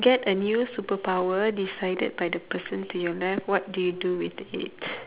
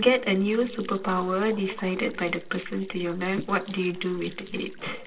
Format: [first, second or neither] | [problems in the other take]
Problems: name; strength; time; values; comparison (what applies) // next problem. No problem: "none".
first | noise reduction (neural separator model SepFormer DNS4)